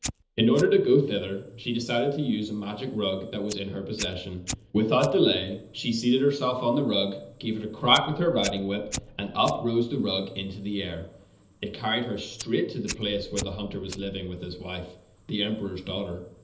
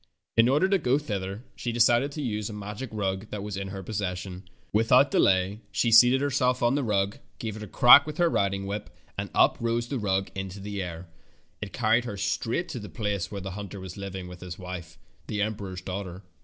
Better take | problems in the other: second | background sound (Fire); 17 dB below the speech // room echo; dies away in 1.2 s

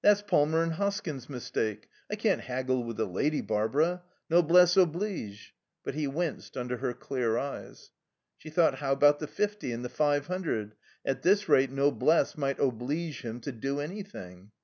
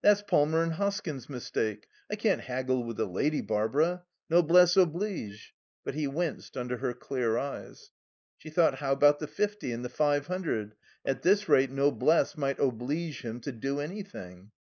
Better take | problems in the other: first | noise reduction (neural mask model Resemble Enhance denoiser)

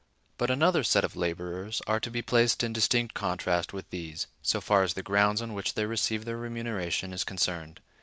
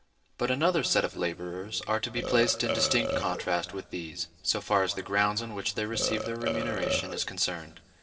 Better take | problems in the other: first | background sound (Burping, eructation); 3 dB below the speech // room echo; dies away in 1.4 s

